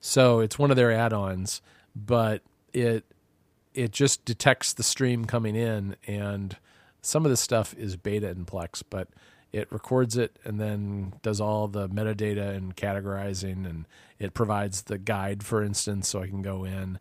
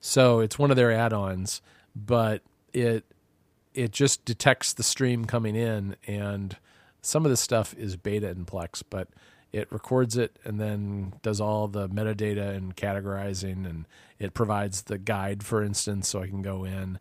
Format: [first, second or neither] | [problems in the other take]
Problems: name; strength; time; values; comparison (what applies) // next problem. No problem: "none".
neither | none